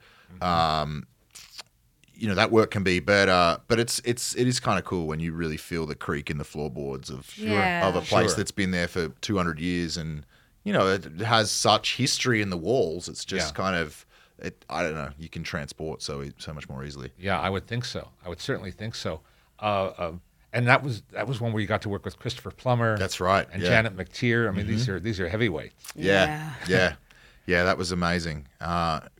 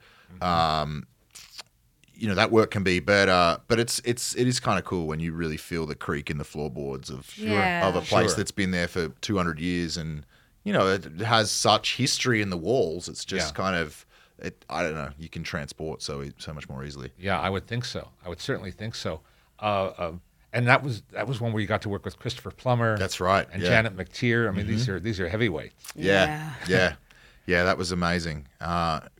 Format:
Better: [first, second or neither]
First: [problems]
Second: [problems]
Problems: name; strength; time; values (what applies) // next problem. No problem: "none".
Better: neither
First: none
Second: none